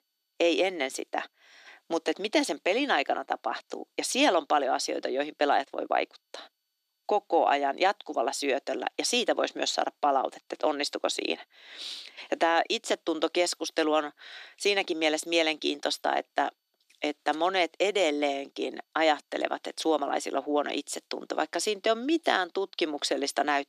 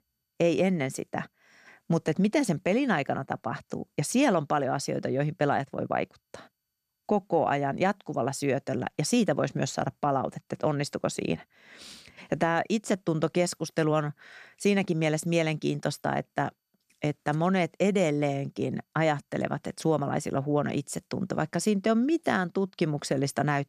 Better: second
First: thin; somewhat; fading below 300 Hz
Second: none

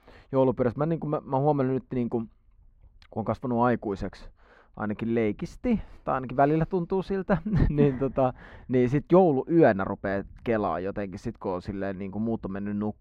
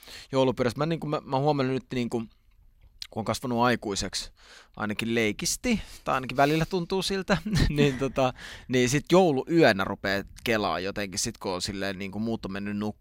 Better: second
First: muffled; very; fading above 2.5 kHz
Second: none

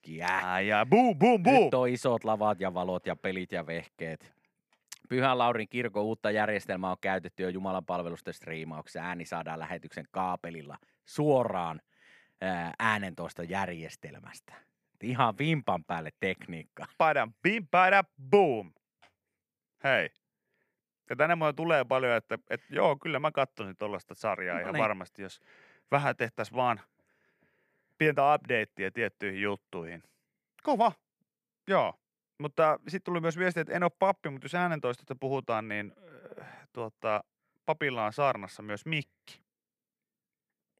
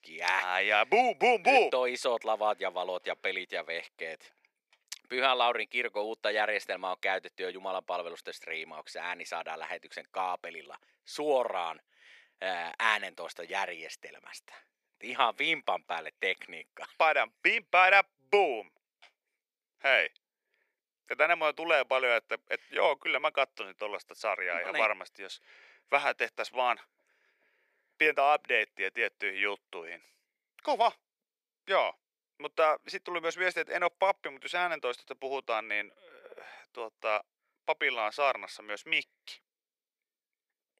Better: first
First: none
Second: thin; very; fading below 400 Hz

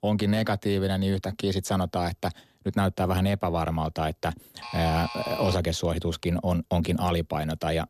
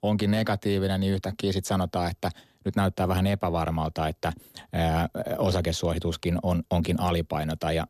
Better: second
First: alarm; noticeable; at 4.5 s; peak 7 dB below the speech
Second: none

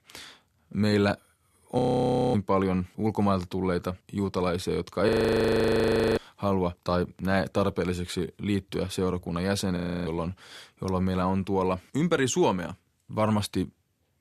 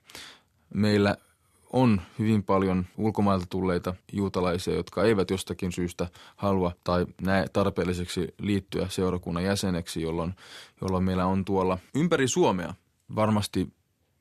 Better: second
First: audio freezing; at 2 s for 0.5 s, at 5 s for 1 s and at 10 s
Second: none

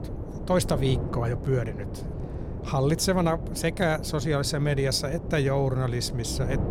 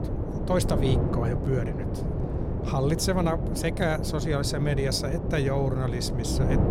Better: first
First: wind noise on the microphone; occasional gusts; 10 dB below the speech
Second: wind noise on the microphone; heavy; 5 dB below the speech

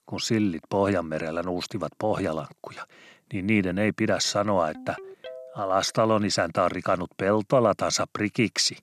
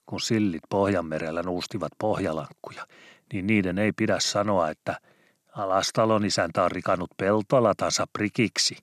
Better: second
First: phone ringing; faint; from 4.5 to 6 s; peak 15 dB below the speech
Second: none

